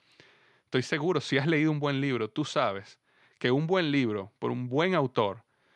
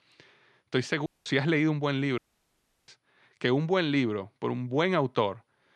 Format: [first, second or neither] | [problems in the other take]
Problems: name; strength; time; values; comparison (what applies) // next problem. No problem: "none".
first | audio cutting out; at 1 s and at 2 s for 0.5 s